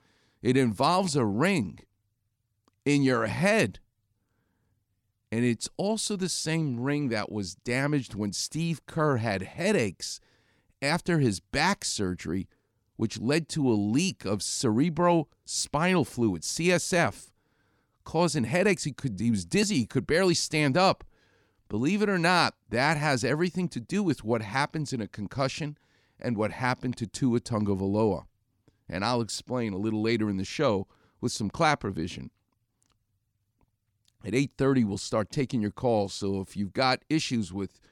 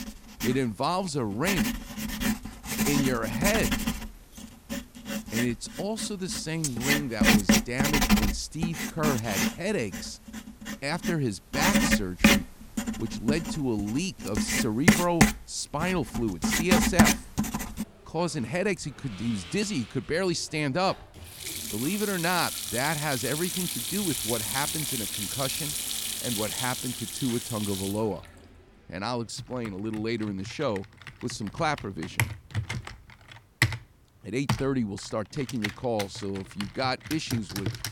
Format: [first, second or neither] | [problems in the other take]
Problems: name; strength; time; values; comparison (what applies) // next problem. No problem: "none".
first | household noises; very loud; throughout; 2 dB above the speech